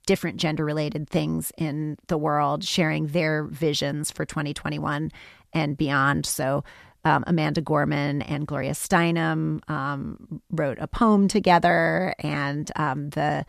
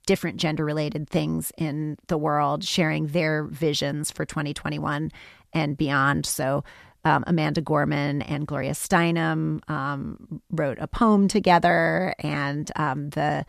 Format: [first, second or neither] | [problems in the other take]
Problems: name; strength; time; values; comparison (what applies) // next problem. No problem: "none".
neither | none